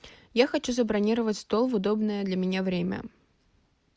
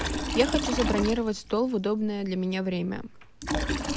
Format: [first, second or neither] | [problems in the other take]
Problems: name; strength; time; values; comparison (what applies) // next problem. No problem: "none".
first | background sound (Liquid); 4 dB below the speech